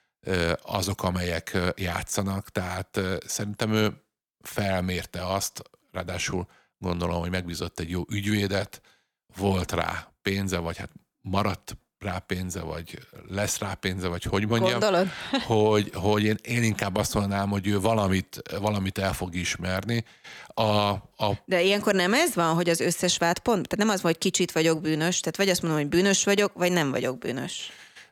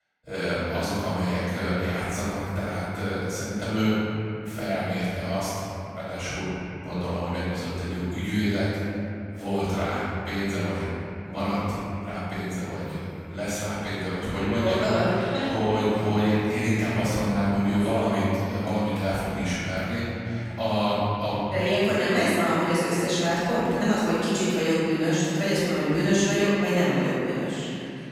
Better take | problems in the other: first | off-mic speech; far // room echo; strong; dies away in 2.9 s

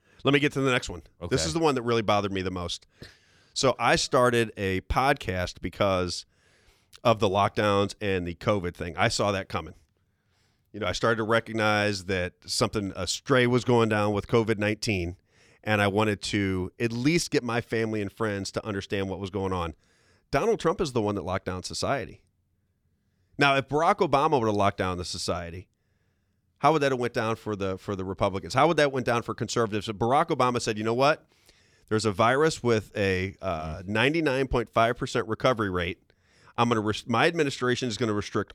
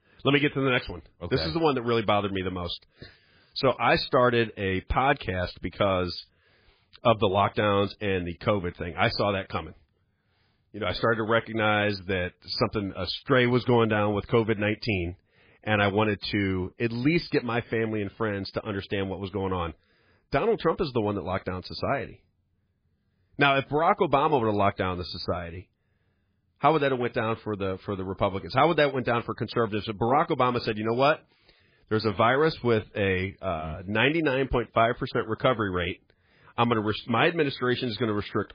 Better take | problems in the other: first | garbled, watery; badly

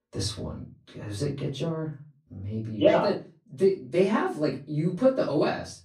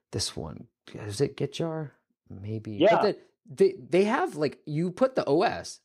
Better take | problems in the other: second | off-mic speech; far // room echo; slight; dies away in 0.3 s

